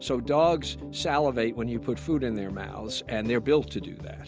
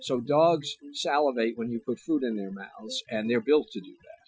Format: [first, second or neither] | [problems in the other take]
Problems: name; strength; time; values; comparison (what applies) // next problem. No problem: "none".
first | noise reduction (classical method Wiener filter)